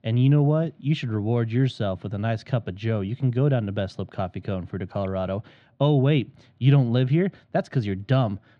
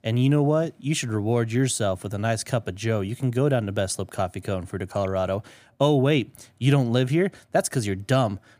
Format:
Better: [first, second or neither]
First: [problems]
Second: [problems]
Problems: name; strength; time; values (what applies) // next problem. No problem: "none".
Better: second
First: muffled; slightly; fading above 4 kHz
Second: none